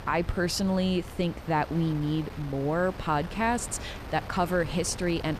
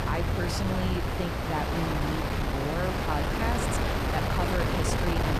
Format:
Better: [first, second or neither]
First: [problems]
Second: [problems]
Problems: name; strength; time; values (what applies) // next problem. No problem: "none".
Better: first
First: wind noise on the microphone; occasional gusts; 15 dB below the speech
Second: wind noise on the microphone; heavy; 4 dB above the speech